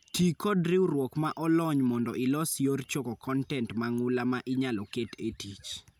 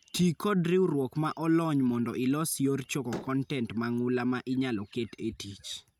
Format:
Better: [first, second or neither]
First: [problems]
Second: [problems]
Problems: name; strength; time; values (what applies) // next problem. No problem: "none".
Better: first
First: none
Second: noise reduction (neural mask model RNNoise)